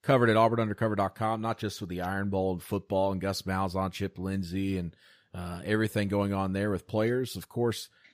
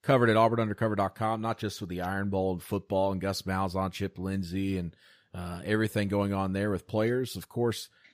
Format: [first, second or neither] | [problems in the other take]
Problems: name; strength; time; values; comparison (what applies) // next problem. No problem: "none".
neither | none